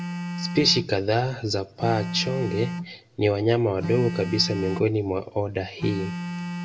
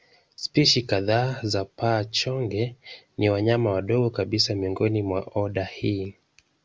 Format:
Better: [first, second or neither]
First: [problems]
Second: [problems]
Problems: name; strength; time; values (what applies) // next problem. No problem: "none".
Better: second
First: background sound (Telephone); 8 dB below the speech // room echo; dies away in 0.3 s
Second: none